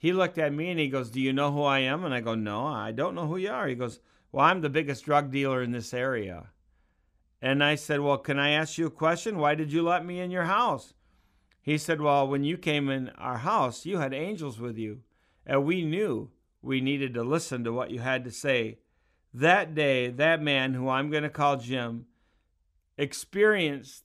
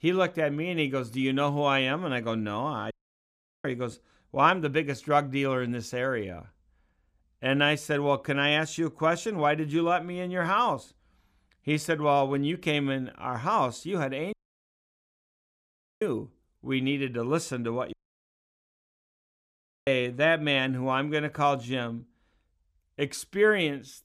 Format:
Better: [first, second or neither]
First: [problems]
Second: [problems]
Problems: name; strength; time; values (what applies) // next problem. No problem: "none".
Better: first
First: none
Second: audio cutting out; at 3 s for 0.5 s, at 14 s for 1.5 s and at 18 s for 2 s